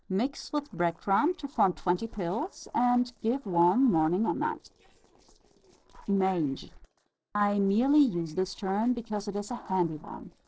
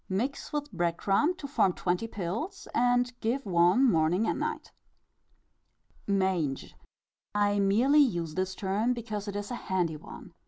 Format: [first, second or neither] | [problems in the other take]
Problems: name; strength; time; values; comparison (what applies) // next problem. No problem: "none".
second | noise reduction (neural separator model SepFormer DNS4)